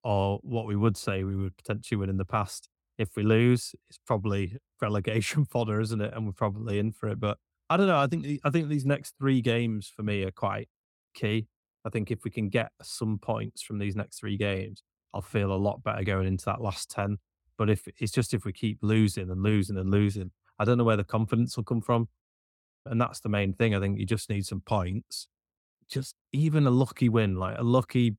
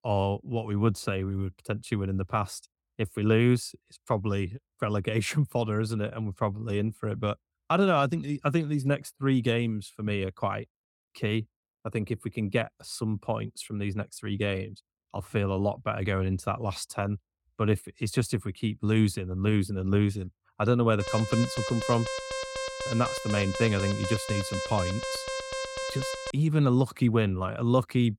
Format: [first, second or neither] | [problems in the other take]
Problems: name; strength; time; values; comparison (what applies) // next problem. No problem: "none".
first | alarm; noticeable; from 21 to 26 s; peak 4 dB below the speech